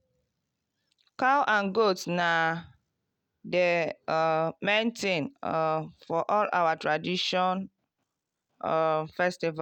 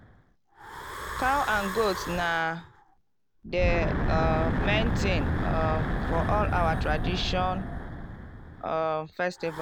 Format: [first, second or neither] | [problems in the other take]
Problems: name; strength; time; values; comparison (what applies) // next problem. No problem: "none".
first | background sound (Wind / Breathing); as loud as the speech